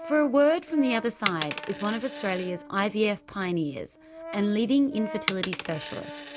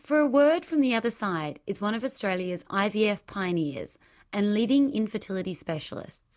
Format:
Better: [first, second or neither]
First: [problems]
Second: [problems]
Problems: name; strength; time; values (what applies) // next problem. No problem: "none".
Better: second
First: background sound (Coin (dropping) + Brass instrument); 11 dB below the speech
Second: none